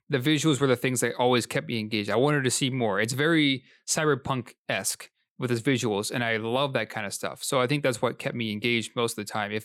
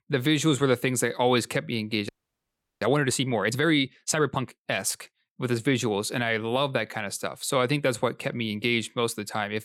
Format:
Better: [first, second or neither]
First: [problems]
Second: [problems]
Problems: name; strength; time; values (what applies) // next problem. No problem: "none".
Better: first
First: none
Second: audio freezing; at 2 s for 0.5 s